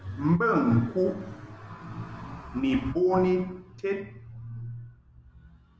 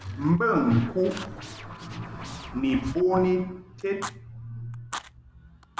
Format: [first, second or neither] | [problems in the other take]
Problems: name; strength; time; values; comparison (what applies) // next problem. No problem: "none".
first | background sound (Scratching (performance technique) + Fire); 16 dB below the speech